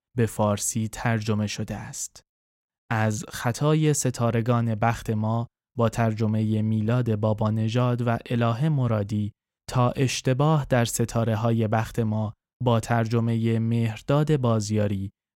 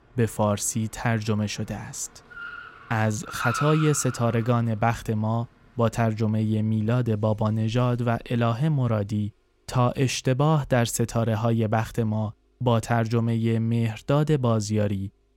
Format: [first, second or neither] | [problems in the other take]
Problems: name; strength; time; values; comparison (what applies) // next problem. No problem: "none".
first | traffic noise; noticeable; throughout; 10 dB below the speech